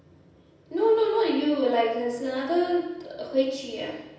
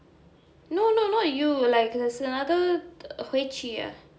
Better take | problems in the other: second | room echo; dies away in 0.9 s

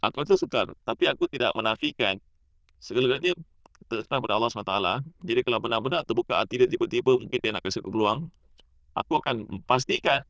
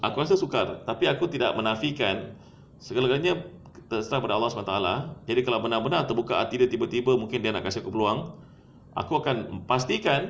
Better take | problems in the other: second | noise reduction (neural diffusion model UNIVERSE++)

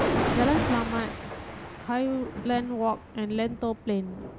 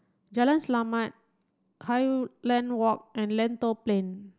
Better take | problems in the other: second | background sound (Thunder); 2 dB below the speech

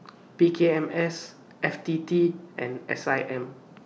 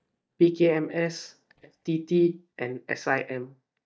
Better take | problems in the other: first | noise reduction (neural mask model DeepFilterNet 3)

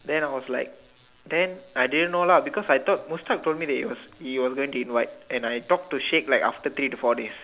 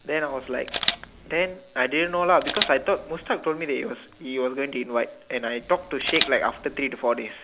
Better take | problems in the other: first | background sound (Camera); 6 dB below the speech

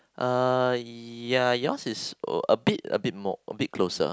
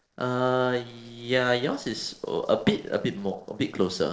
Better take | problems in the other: first | noise reduction (neural separator model SepFormer DNS4)

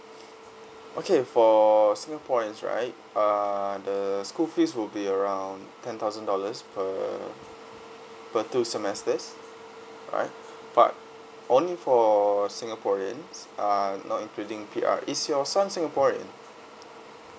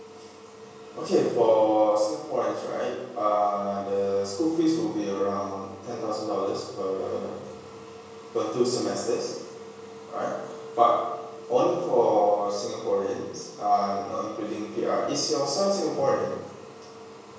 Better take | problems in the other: first | room echo; dies away in 1 s

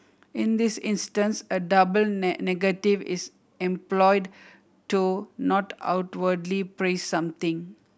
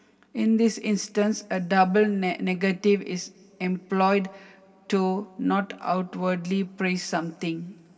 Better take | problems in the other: first | room echo; dies away in 1.9 s

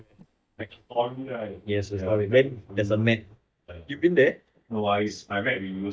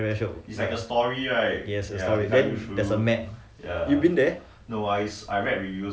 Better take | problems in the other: second | noise reduction (neural mask model DeepFilterNet 3)

